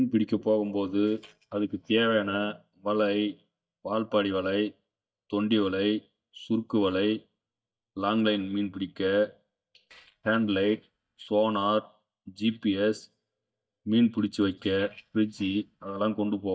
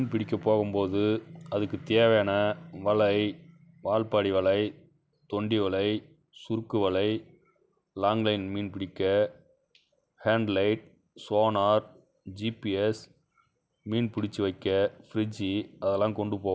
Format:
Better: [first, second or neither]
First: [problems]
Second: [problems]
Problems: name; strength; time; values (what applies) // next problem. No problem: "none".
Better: second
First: noise reduction (neural mask model DeepFilterNet 3)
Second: none